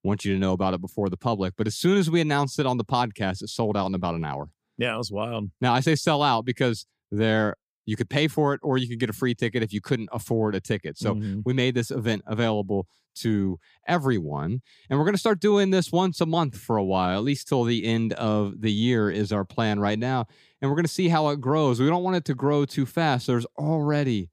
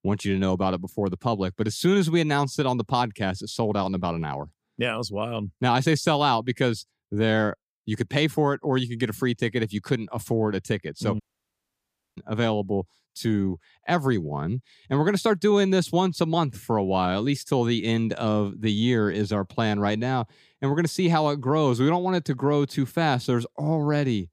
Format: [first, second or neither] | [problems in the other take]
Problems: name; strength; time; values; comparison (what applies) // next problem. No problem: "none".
first | audio cutting out; at 11 s for 1 s